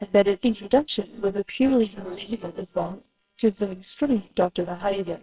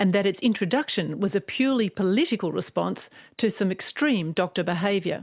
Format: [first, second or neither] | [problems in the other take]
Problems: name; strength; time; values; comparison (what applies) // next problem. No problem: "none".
second | noise reduction (neural separator model SepFormer WHAMR!)